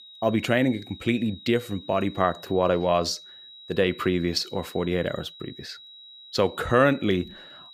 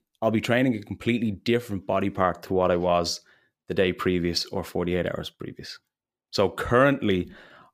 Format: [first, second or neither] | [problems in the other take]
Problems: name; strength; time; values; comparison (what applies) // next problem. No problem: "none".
second | high-pitched whine; noticeable; throughout; 4 kHz, 20 dB below the speech